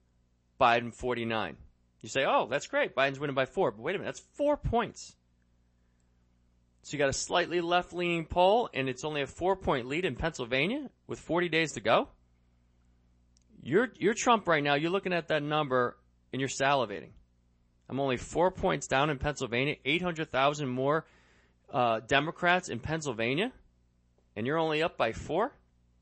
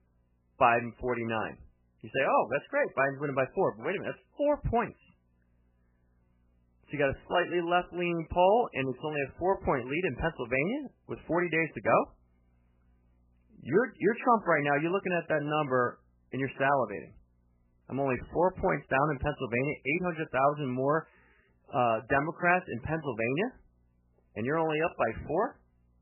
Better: first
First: garbled, watery; slightly; nothing above 8 kHz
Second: garbled, watery; badly; nothing above 3 kHz

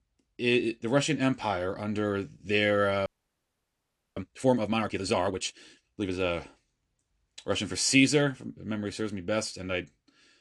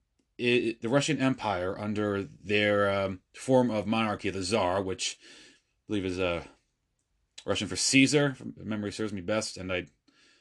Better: second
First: audio freezing; at 3 s for 1 s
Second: none

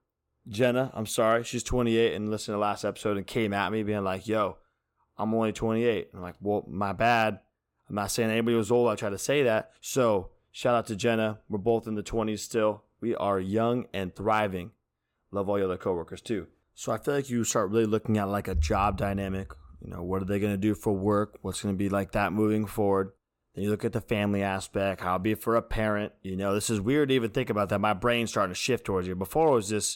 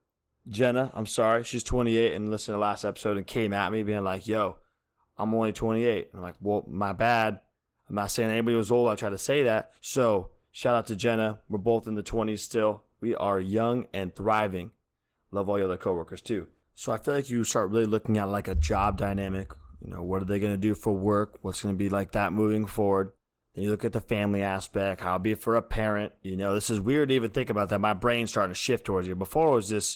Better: first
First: none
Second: garbled, watery; slightly; nothing above 17 kHz

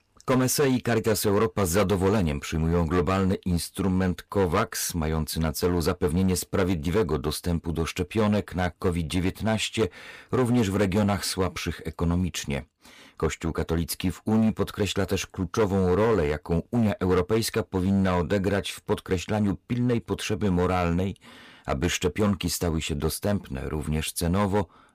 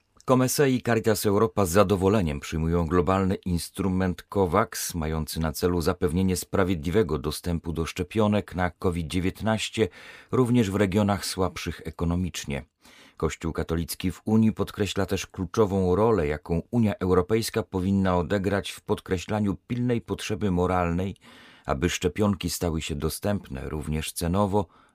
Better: second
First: distortion; slight; 7% of the sound clipped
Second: none

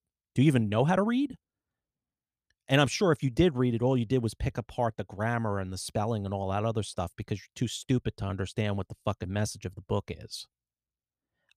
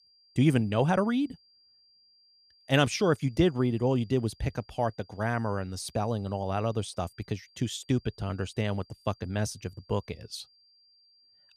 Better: first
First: none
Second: high-pitched whine; faint; throughout; 4.5 kHz, 30 dB below the speech

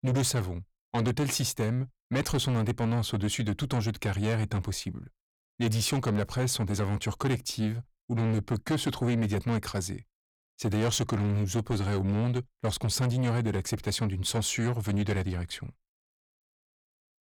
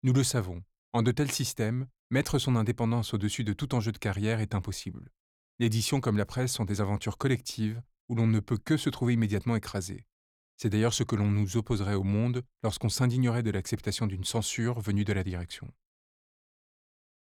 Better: second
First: distortion; slight; 10 dB below the speech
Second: none

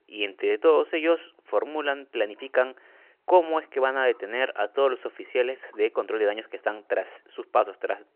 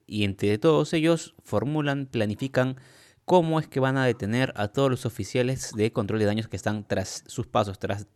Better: second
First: phone-call audio; nothing above 2.5 kHz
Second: none

